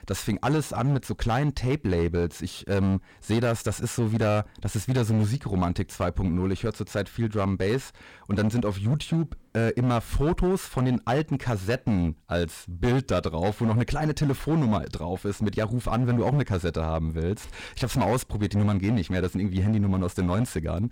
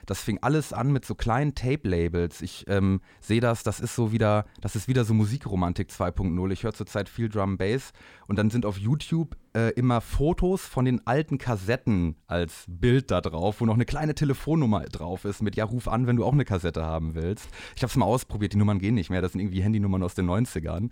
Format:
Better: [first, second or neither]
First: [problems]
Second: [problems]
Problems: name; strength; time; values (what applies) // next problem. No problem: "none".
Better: second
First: distortion; slight; 10% of the sound clipped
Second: none